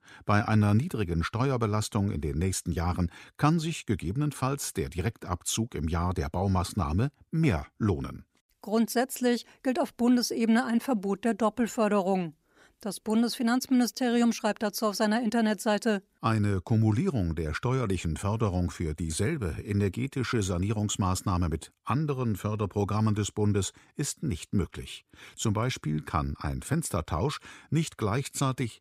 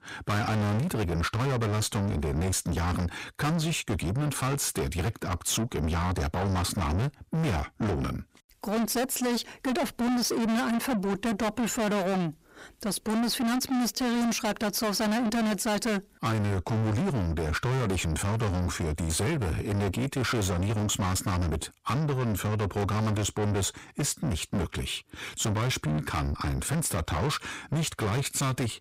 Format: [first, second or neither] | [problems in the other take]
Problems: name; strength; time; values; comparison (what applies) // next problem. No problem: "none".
first | distortion; heavy; 5 dB below the speech